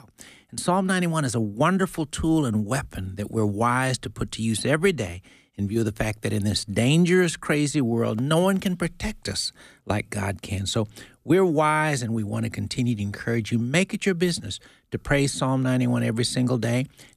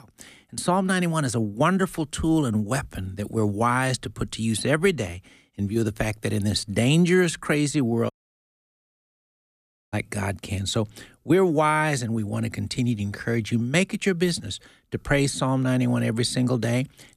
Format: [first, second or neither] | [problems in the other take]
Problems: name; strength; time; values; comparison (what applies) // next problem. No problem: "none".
first | audio cutting out; at 8 s for 2 s